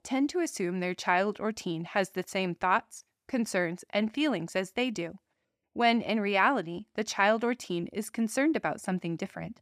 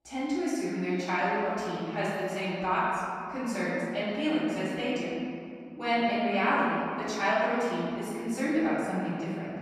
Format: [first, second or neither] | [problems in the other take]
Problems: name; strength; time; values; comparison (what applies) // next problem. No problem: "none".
first | room echo; strong; dies away in 2.4 s // off-mic speech; far